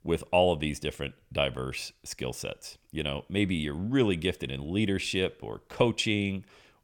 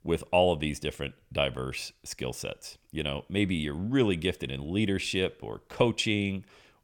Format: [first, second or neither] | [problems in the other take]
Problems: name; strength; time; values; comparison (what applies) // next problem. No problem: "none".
neither | none